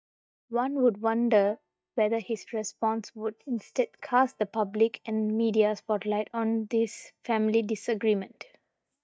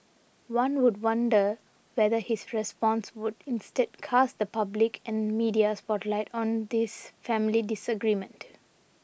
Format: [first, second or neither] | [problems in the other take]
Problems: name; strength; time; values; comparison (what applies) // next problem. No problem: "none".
second | noise reduction (neural mask model DeepFilterNet 3)